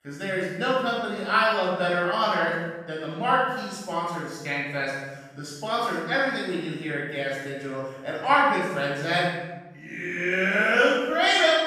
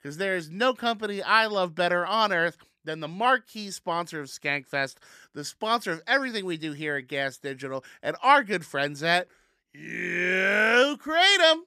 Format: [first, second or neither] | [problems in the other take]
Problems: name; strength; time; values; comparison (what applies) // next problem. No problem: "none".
second | off-mic speech; far // room echo; strong; dies away in 1.2 s